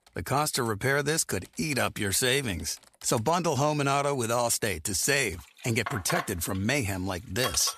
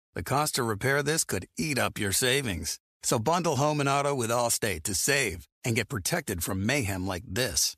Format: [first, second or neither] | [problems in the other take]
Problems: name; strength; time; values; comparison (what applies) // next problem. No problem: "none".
second | household noises; noticeable; throughout; 15 dB below the speech